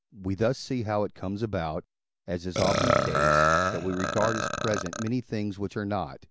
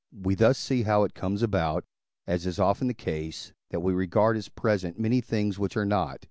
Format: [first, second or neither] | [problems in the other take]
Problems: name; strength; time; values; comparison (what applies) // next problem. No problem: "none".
second | background sound (Burping, eructation); 4 dB above the speech